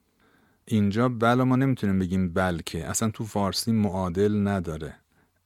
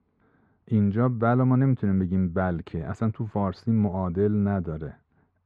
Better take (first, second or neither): first